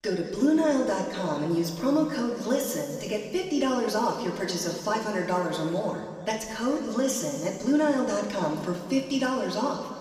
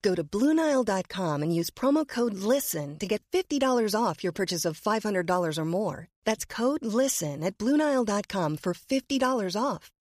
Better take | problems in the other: second | room echo; noticeable; dies away in 2.1 s // off-mic speech; far

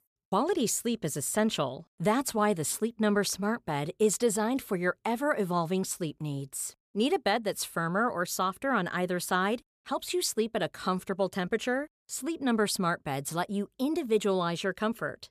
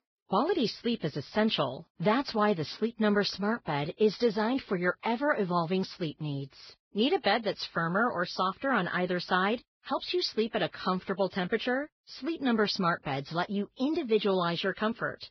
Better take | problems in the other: first | garbled, watery; badly; nothing above 5.5 kHz

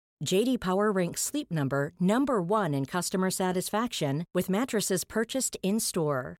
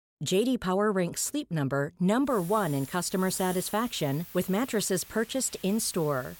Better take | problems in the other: first | hiss; noticeable; from 2.5 s on; 15 dB below the speech

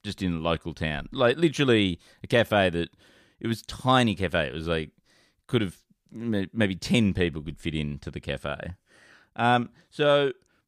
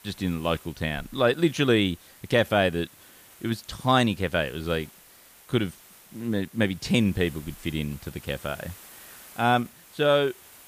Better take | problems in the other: first | hiss; faint; throughout; 20 dB below the speech

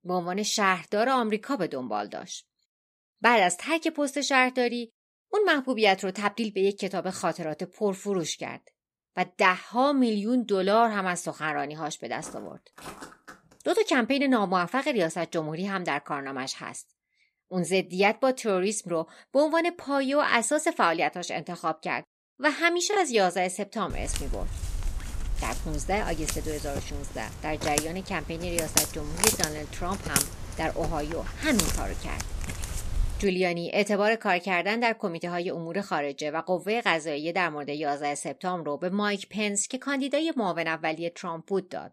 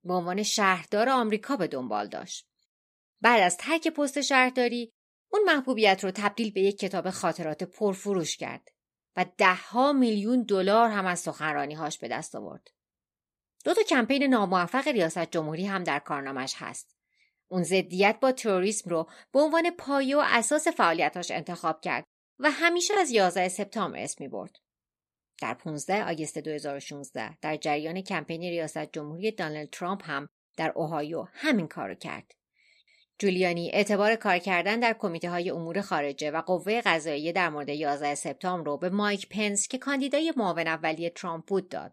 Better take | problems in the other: second | footsteps; faint; from 12 to 14 s; peak 15 dB below the speech // footsteps; loud; from 24 to 33 s; peak 4 dB above the speech

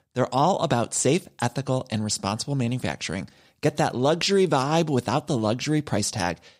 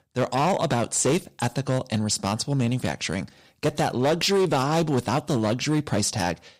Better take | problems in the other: first | distortion; slight; 9% of the sound clipped

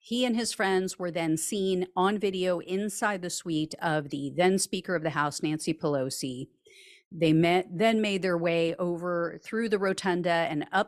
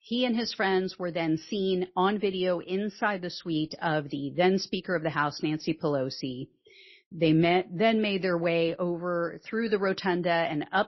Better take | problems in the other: first | garbled, watery; slightly; nothing above 5.5 kHz

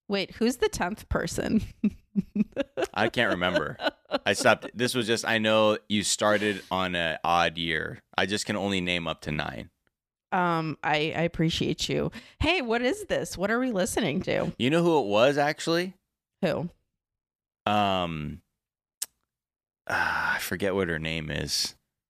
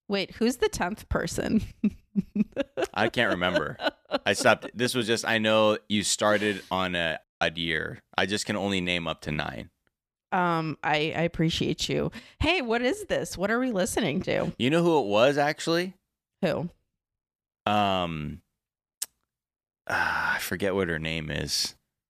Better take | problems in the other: first | audio cutting out; at 7 s

